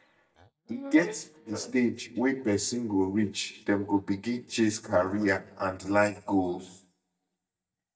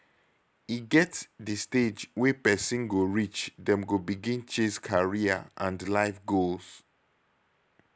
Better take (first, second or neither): second